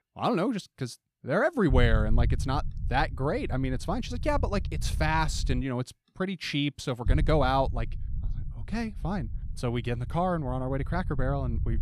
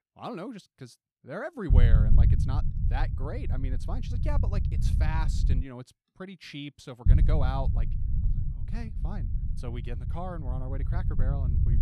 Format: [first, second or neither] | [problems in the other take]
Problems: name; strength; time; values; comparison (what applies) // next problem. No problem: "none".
first | low rumble; loud; from 1.5 to 5.5 s and from 7 s on; 5 dB below the speech; faint in the first